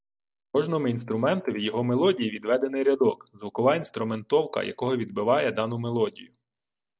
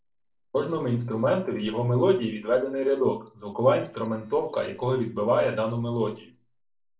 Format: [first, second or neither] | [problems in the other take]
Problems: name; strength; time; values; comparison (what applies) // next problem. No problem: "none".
first | noise reduction (neural separator model SepFormer DNS4)